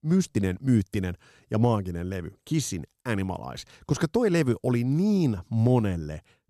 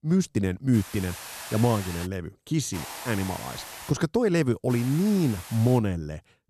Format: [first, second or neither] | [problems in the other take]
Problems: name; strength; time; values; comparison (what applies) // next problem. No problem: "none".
first | hiss; noticeable; from 0.5 to 2 s, from 2.5 to 4 s and from 4.5 to 6 s; 10 dB below the speech